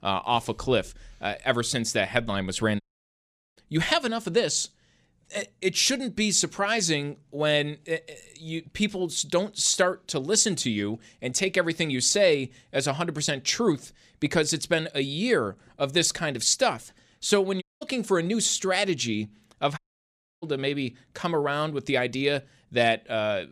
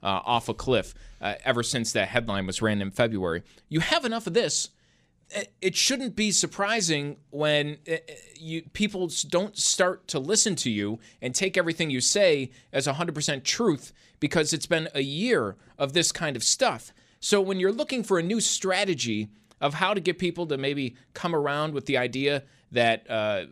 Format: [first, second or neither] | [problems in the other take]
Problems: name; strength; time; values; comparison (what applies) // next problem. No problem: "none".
second | audio cutting out; at 3 s for 1 s, at 18 s and at 20 s for 0.5 s